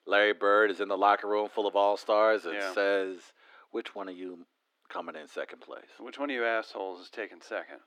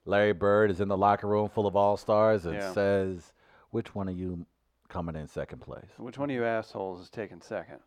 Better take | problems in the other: second | thin; somewhat; fading below 300 Hz

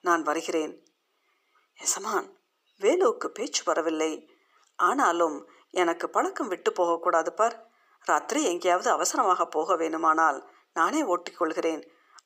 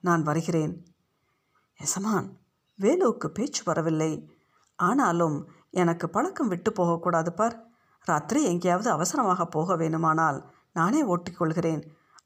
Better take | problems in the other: second | thin; somewhat; fading below 350 Hz

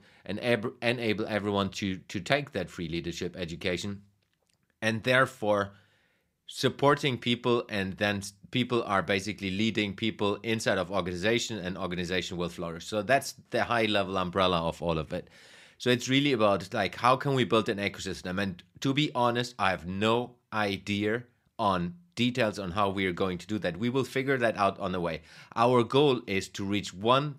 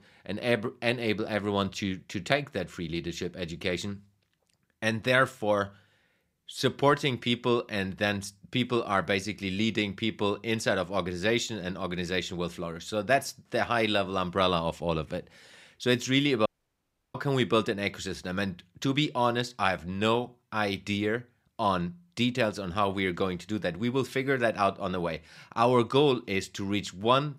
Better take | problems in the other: first | audio cutting out; at 16 s for 0.5 s

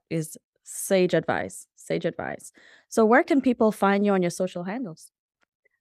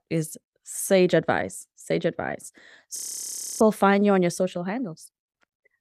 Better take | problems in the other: first | audio freezing; at 3 s for 0.5 s

